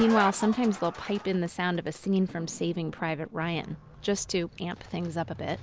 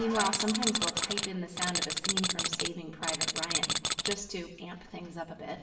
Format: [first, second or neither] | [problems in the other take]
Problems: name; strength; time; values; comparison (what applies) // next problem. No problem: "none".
first | background sound (Tools); 4 dB above the speech // room echo; dies away in 0.8 s